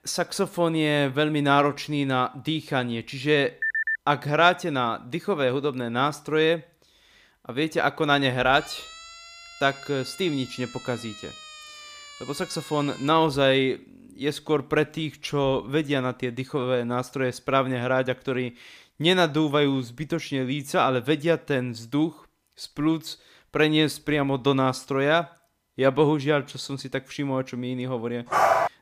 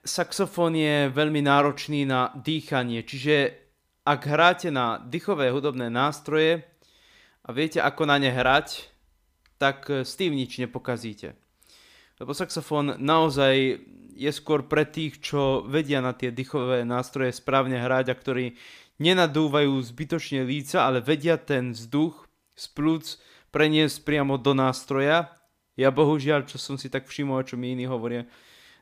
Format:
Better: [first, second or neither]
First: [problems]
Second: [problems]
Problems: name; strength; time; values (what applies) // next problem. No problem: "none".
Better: second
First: phone ringing; loud; at 3.5 s; peak level with the speech // siren; faint; from 8.5 to 13 s; peak 15 dB below the speech // dog barking; loud; at 28 s; peak 4 dB above the speech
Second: none